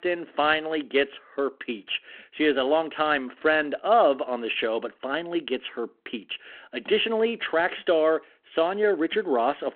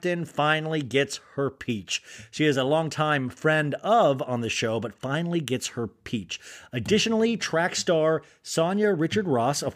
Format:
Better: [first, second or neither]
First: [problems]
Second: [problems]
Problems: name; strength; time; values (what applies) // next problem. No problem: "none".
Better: second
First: phone-call audio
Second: none